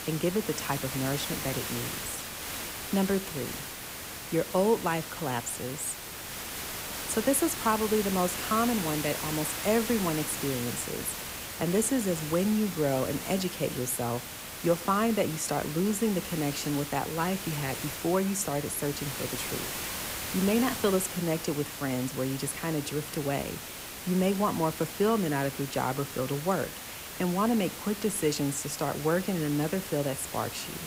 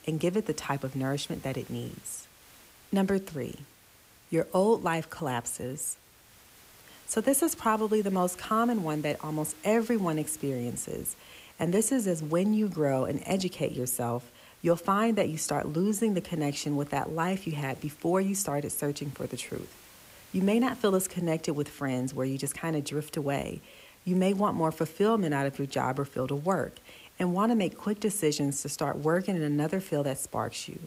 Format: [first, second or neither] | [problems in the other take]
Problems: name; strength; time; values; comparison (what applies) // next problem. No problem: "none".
second | hiss; loud; throughout; 6 dB below the speech; faint in the second